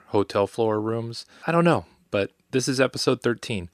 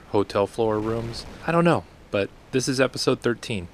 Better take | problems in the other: first | wind noise on the microphone; occasional gusts; 20 dB below the speech

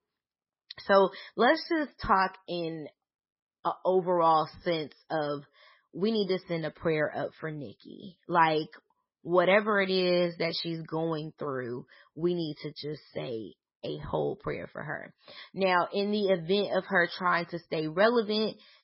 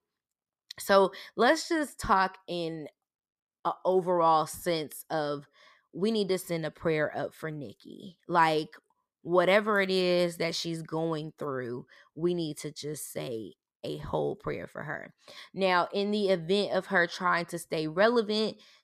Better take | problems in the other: second | garbled, watery; badly; nothing above 5.5 kHz

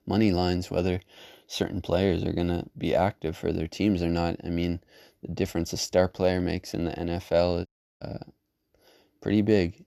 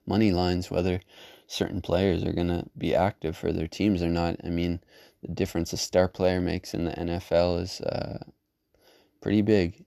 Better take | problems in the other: second | audio cutting out; at 7.5 s

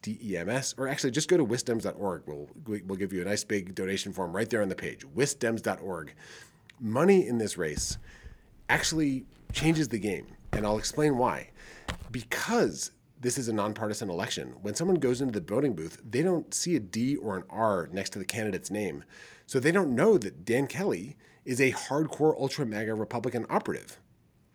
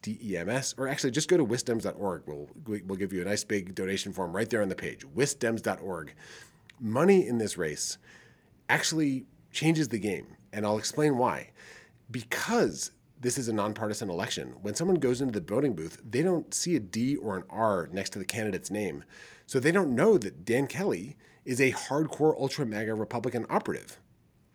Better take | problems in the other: second | footsteps; noticeable; from 8 to 12 s; peak 8 dB below the speech

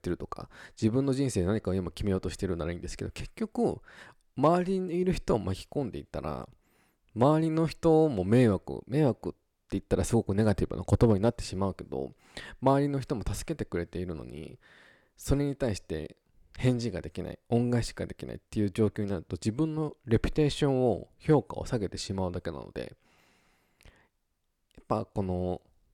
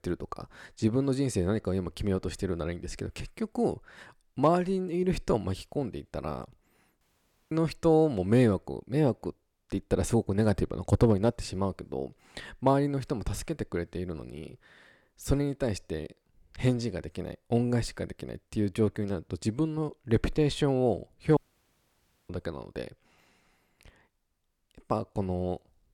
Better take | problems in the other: first | audio cutting out; at 7 s for 0.5 s and at 21 s for 1 s

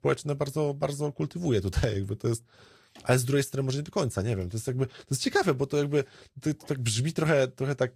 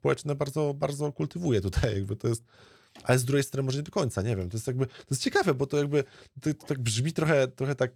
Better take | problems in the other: second | garbled, watery; slightly; nothing above 14.5 kHz

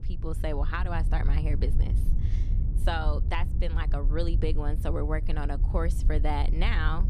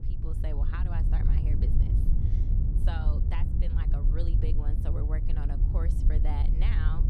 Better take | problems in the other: first | wind noise on the microphone; heavy; 1 dB below the speech; occasional gusts in the first

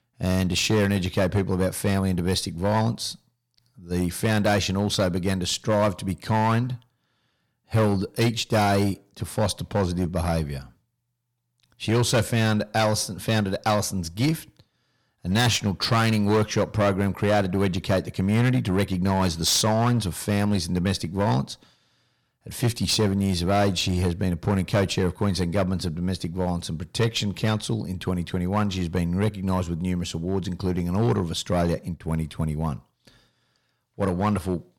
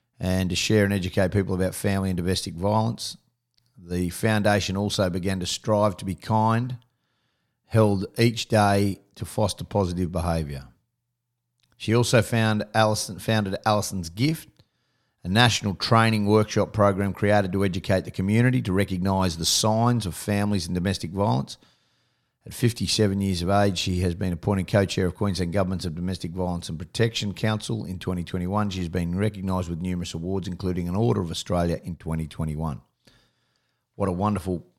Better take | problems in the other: second | distortion; slight; 6% of the sound clipped

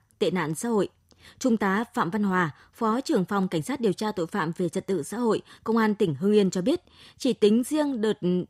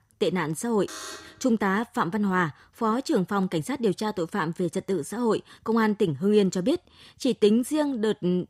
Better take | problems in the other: first | alarm; faint; at 1 s; peak 10 dB below the speech

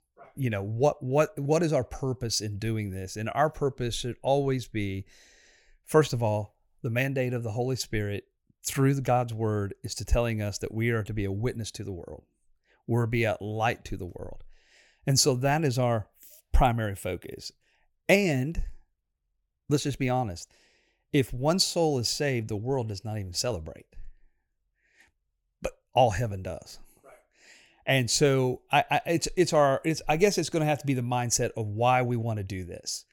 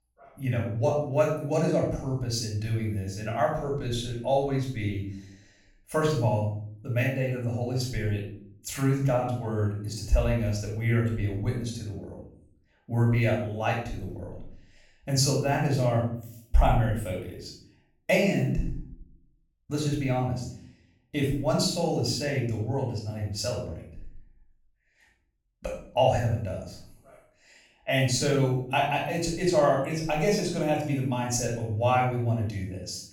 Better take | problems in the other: first | off-mic speech; far // room echo; noticeable; dies away in 0.5 s

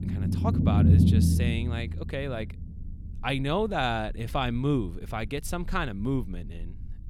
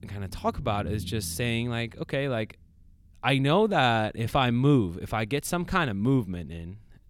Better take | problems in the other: second | low rumble; loud; throughout; 2 dB below the speech; faint in the second

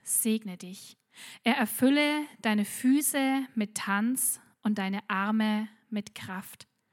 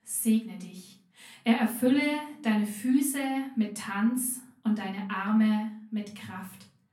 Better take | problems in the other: first | off-mic speech; far // room echo; slight; dies away in 0.4 s

